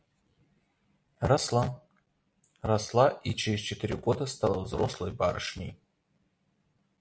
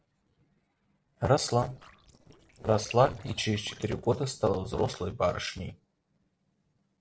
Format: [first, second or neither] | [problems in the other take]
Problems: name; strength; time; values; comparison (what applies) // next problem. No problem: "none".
first | noise reduction (neural separator model SepFormer DNS4)